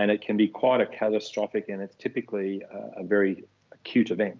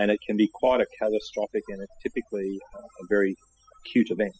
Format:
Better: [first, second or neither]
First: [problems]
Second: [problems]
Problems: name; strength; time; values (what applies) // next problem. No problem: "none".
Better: first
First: none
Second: noise reduction (classical method spectral subtraction)